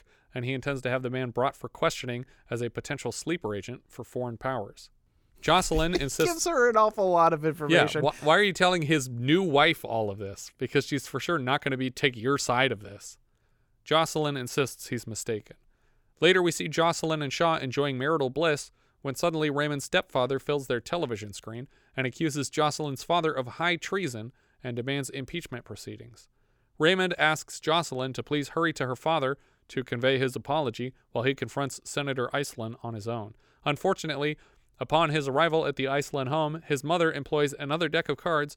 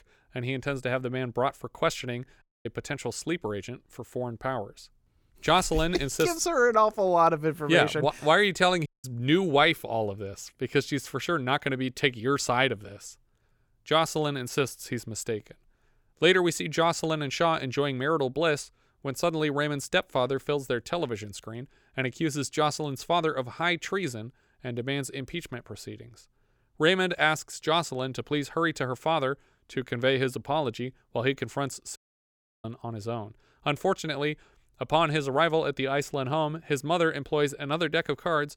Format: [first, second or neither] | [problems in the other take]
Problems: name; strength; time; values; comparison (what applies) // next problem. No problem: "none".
first | audio cutting out; at 2.5 s, at 9 s and at 32 s for 0.5 s